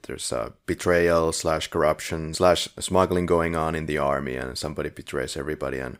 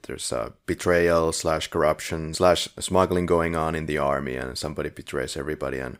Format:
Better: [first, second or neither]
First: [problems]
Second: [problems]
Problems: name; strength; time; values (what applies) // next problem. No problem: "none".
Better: neither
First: none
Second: none